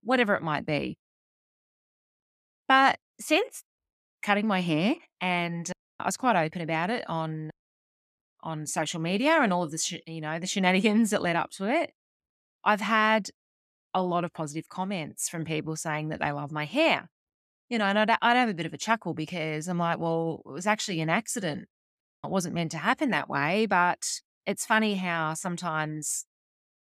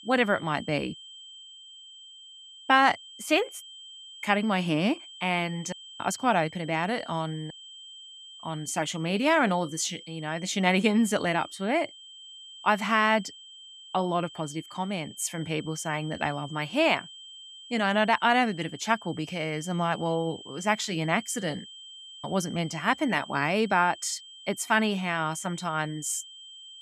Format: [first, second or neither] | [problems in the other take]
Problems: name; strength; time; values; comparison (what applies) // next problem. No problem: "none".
first | high-pitched whine; noticeable; throughout; 3 kHz, 15 dB below the speech